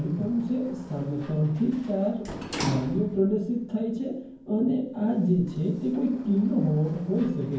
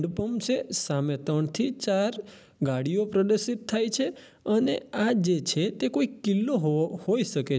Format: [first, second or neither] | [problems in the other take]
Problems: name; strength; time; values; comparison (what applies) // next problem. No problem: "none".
second | background sound (Sliding door); 15 dB below the speech // room echo; dies away in 0.9 s